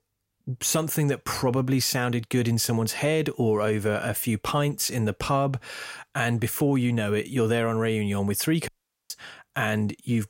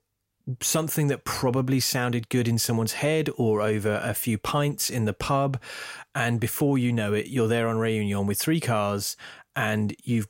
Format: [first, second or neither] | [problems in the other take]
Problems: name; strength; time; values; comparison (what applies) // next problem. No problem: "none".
second | audio cutting out; at 8.5 s